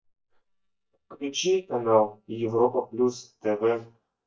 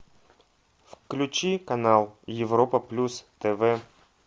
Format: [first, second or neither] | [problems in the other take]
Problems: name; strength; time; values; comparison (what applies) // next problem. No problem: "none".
second | noise reduction (neural mask model DeepFilterNet 3)